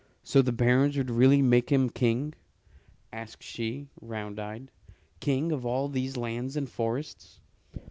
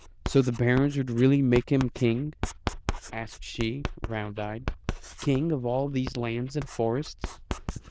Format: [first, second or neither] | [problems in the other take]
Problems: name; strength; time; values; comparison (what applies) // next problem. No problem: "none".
first | noise reduction (neural diffusion model UNIVERSE++)